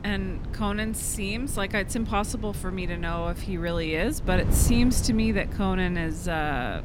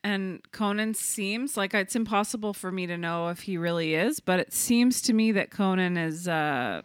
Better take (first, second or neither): second